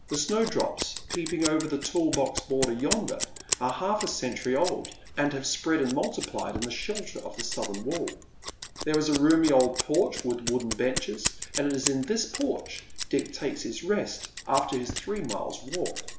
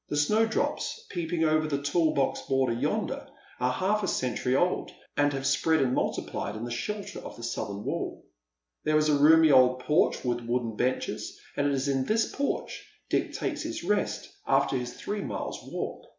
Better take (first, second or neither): second